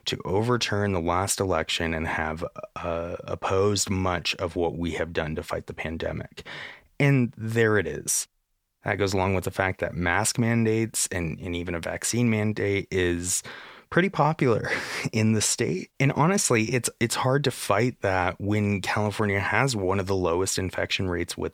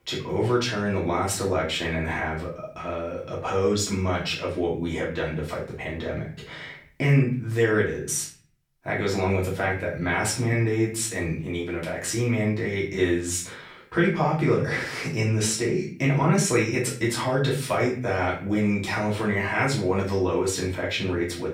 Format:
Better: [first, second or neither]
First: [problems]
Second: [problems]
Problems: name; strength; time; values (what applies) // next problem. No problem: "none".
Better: first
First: none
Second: off-mic speech; far // room echo; slight; dies away in 0.4 s